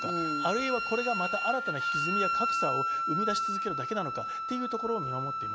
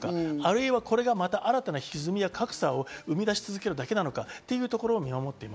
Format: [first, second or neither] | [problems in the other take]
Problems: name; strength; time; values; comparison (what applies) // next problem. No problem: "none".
second | background sound (Wind instrument, woodwind instrument); 2 dB above the speech